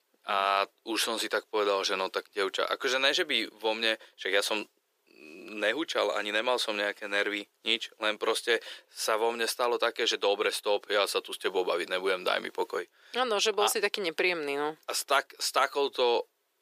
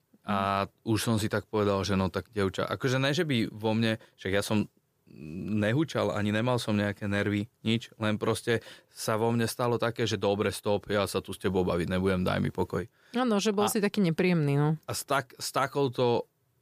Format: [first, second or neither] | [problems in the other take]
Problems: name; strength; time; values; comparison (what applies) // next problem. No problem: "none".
second | thin; very; fading below 350 Hz